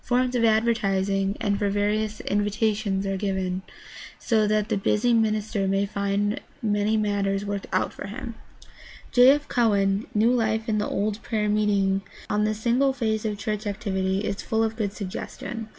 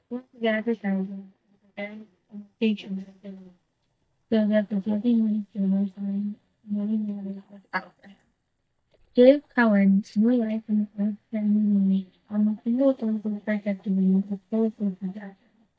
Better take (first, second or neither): first